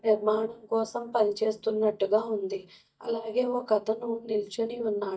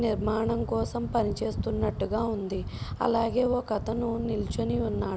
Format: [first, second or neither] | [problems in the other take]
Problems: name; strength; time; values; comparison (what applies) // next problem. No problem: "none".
second | noise reduction (neural mask model DeepFilterNet 3)